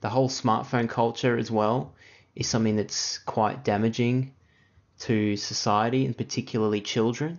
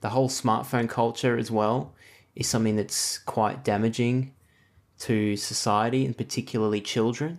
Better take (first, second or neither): second